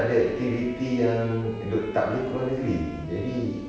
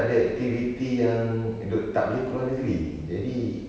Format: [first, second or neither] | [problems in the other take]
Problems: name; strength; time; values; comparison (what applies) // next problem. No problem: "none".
second | background sound (Wind instrument, woodwind instrument); 15 dB below the speech